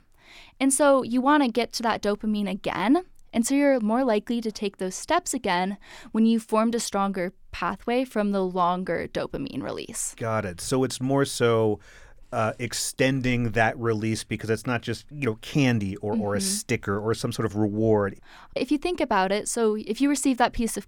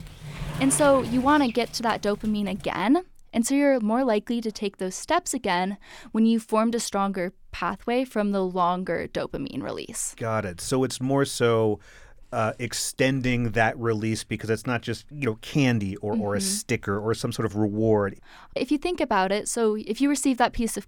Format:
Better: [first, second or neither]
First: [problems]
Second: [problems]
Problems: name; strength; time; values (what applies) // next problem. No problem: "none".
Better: first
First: none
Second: door banging; noticeable; until 2.5 s; peak 7 dB below the speech